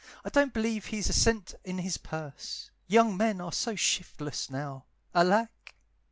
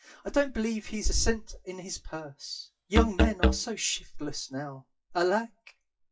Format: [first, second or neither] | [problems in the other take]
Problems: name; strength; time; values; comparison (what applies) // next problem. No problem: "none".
first | noise reduction (classical method WPE with log-MMSE)